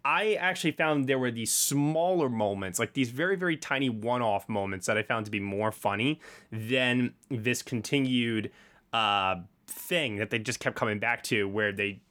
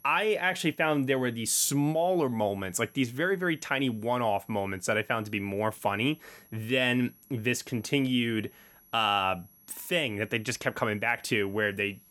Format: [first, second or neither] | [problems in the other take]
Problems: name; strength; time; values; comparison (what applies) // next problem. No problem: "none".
first | high-pitched whine; faint; throughout; 11.5 kHz, 30 dB below the speech